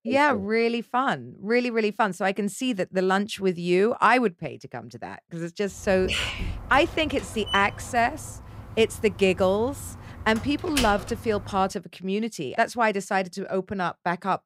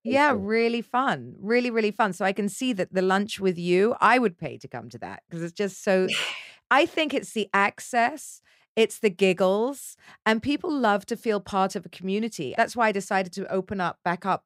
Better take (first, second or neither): second